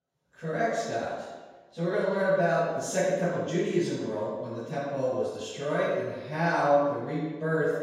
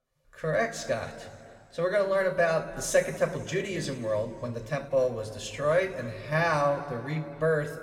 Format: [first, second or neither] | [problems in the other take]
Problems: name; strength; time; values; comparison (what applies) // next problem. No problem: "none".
second | room echo; strong; dies away in 1.2 s; slight in the second // off-mic speech; far